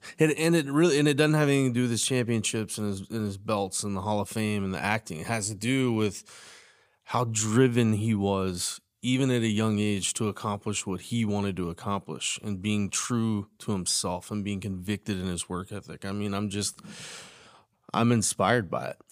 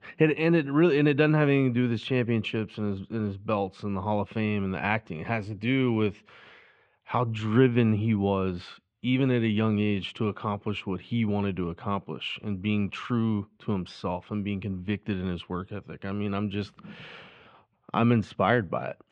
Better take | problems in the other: first | muffled; very; fading above 3 kHz

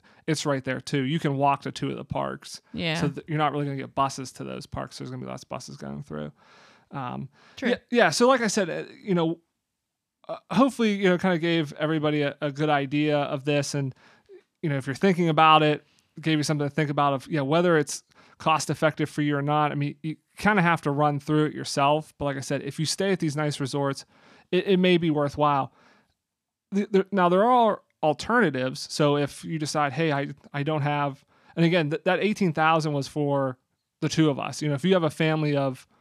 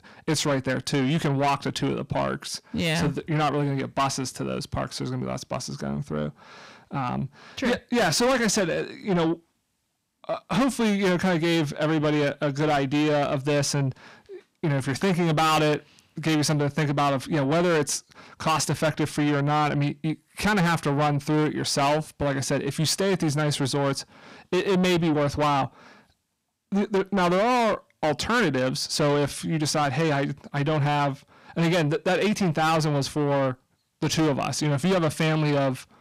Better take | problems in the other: first | distortion; heavy; 6 dB below the speech

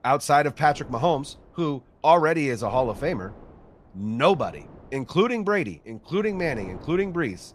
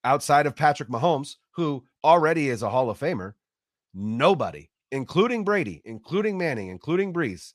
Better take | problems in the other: second | wind noise on the microphone; occasional gusts; 25 dB below the speech

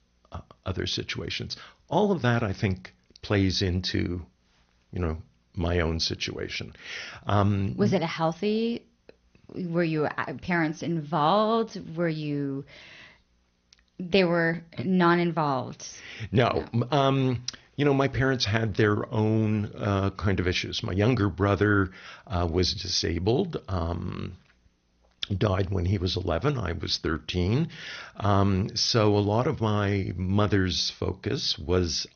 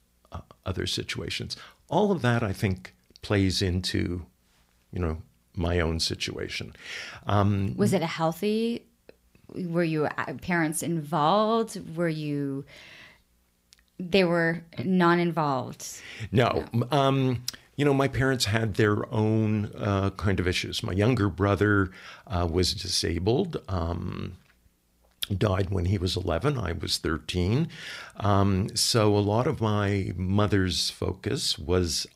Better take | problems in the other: second | garbled, watery; slightly; nothing above 6 kHz

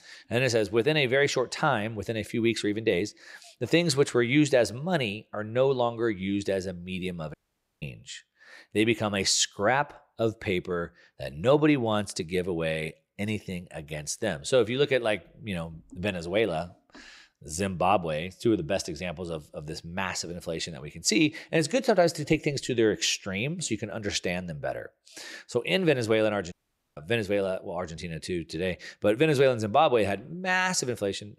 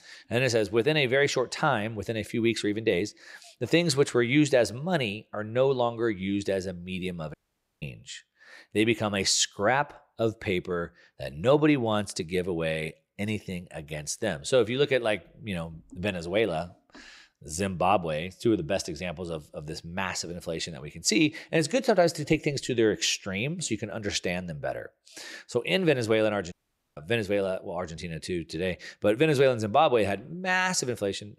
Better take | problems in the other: neither | audio cutting out; at 7.5 s and at 27 s; the same in both

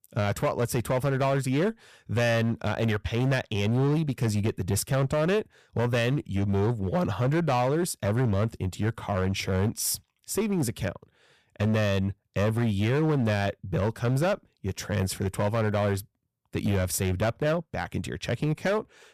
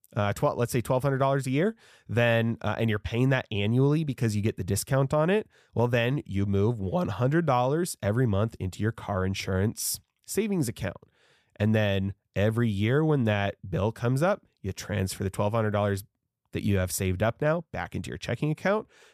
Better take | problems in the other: second | distortion; slight; 13% of the sound clipped

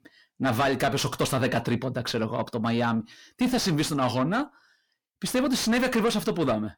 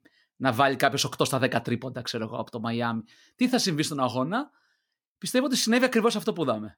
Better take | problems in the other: second | distortion; heavy; 6 dB below the speech

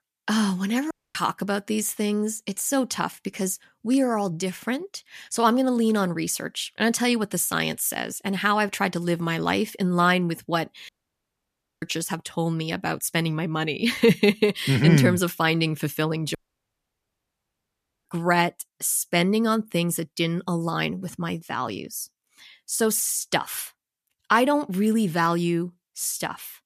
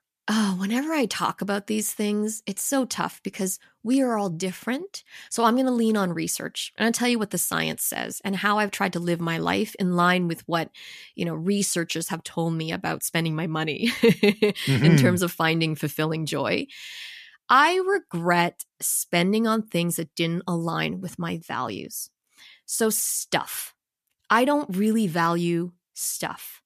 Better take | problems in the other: second | audio cutting out; at 1 s, at 11 s for 1 s and at 16 s for 1.5 s

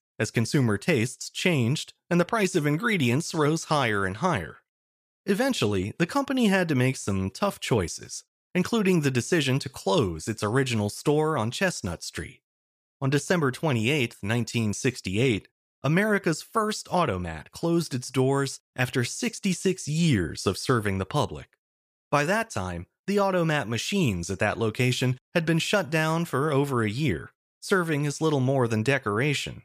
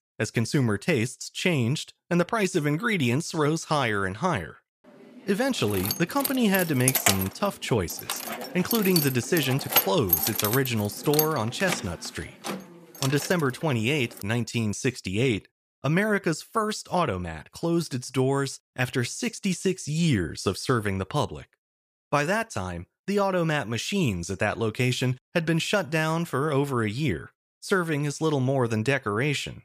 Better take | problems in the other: first | jangling keys; loud; from 6 to 13 s; peak 5 dB above the speech

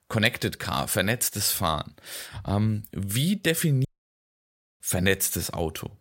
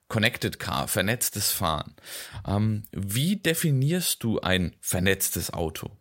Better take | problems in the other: second | audio cutting out; at 4 s for 1 s

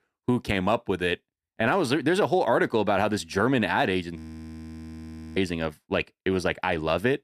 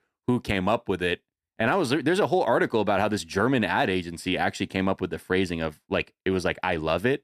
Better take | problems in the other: second | audio freezing; at 4 s for 1 s

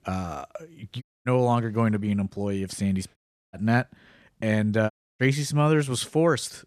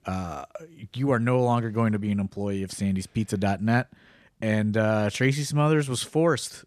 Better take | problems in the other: second | audio cutting out; at 1 s, at 3 s and at 5 s

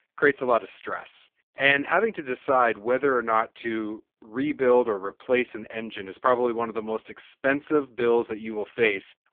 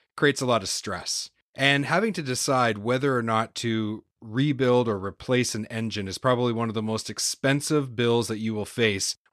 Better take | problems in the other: second | phone-call audio; poor line; nothing above 3.5 kHz

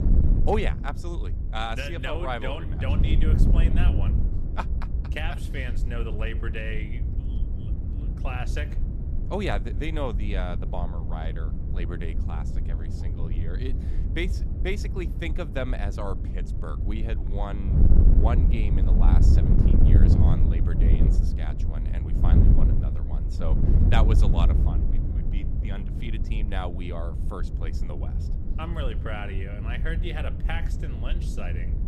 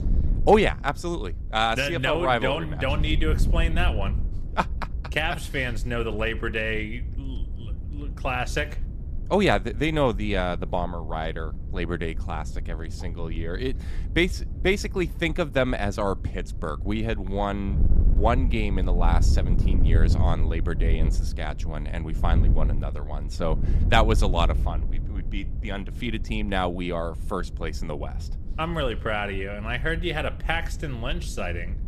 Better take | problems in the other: second | wind noise on the microphone; heavy; 5 dB below the speech; occasional gusts in the second

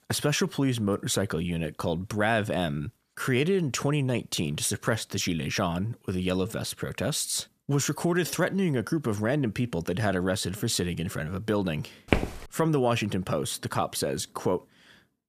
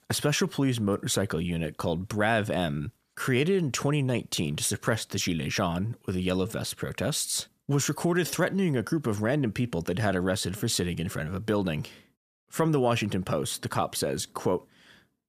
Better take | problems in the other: second | footsteps; loud; at 12 s; peak level with the speech

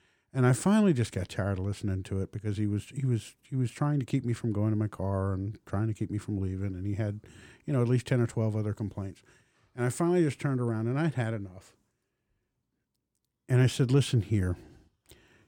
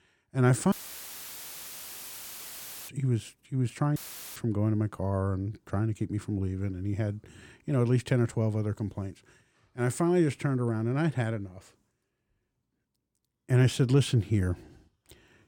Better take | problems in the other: first | audio cutting out; filled with static; at 0.5 s for 2 s and at 4 s

